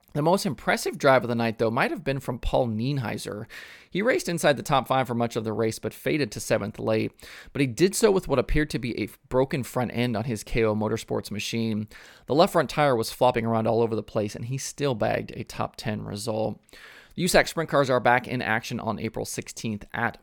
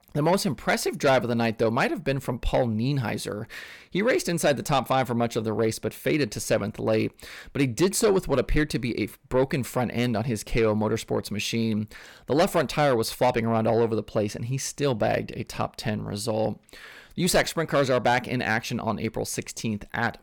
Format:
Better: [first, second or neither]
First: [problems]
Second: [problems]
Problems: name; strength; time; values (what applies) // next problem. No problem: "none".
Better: first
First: none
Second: distortion; slight; 10 dB below the speech